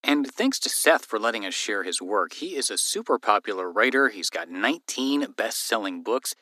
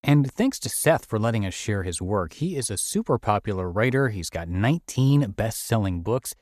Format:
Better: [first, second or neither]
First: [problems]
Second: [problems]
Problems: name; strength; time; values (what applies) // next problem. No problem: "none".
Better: second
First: thin; somewhat; fading below 250 Hz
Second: none